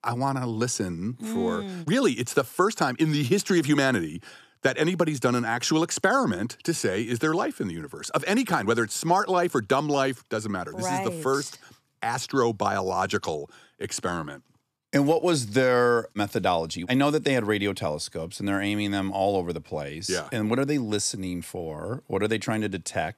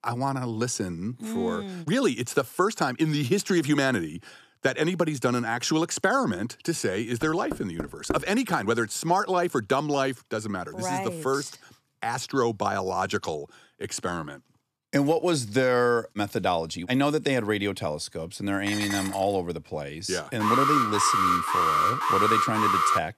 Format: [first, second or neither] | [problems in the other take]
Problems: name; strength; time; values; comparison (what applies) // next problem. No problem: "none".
first | door banging; noticeable; at 7 s; peak 6 dB below the speech // clattering dishes; noticeable; at 19 s; peak 4 dB below the speech // alarm; loud; from 20 s on; peak 5 dB above the speech